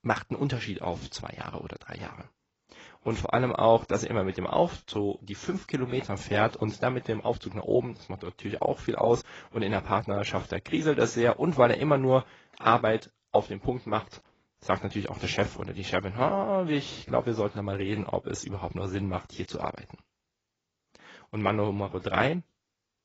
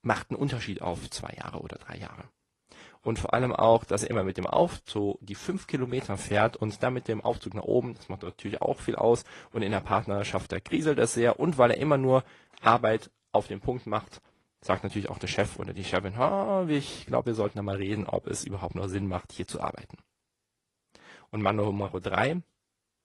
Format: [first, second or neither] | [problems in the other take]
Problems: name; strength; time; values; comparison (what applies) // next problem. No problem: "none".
second | garbled, watery; badly; nothing above 7.5 kHz; slightly in the second